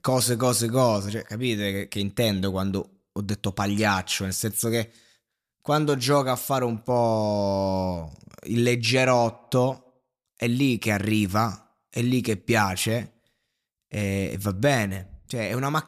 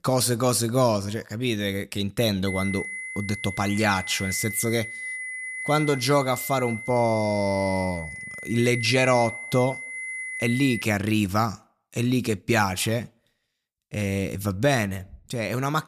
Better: first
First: none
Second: high-pitched whine; loud; from 2.5 to 11 s; 2 kHz, 8 dB below the speech

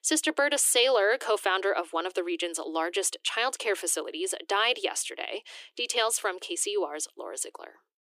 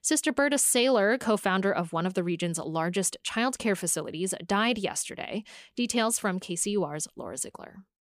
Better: second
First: thin; very; fading below 300 Hz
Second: none

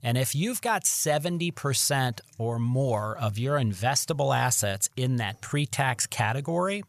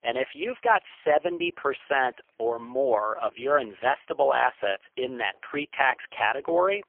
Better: first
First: none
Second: phone-call audio; poor line; nothing above 3 kHz

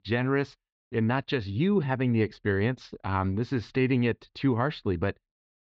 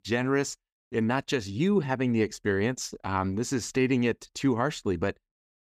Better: second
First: muffled; slightly; fading above 4 kHz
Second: none

